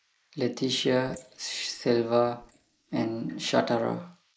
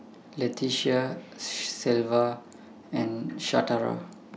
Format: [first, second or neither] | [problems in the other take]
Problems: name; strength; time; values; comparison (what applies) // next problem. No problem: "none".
second | noise reduction (neural mask model Resemble Enhance denoiser)